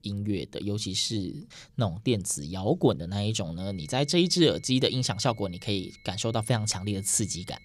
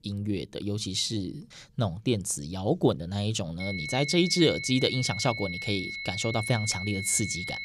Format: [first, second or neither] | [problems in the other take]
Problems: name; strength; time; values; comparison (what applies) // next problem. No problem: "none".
first | high-pitched whine; loud; from 3.5 s on; 2 kHz, 6 dB below the speech; faint in the first